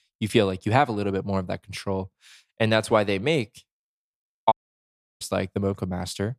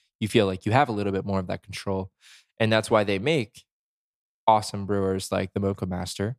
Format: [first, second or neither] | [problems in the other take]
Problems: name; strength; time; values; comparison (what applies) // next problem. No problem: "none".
second | audio cutting out; at 4.5 s for 0.5 s